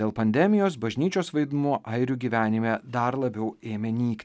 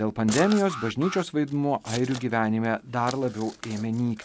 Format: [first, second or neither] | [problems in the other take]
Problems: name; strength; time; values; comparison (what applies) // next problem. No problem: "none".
first | background sound (Alarm + Scissors); 14 dB below the speech